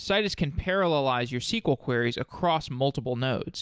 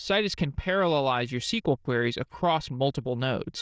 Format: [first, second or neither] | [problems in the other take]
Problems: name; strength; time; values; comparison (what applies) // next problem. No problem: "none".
first | noise reduction (neural diffusion model UNIVERSE++)